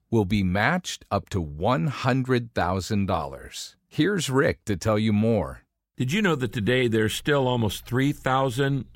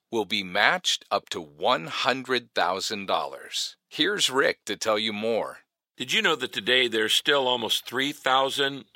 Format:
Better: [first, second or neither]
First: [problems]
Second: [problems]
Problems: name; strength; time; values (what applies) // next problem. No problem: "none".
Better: first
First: none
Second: thin; somewhat; fading below 450 Hz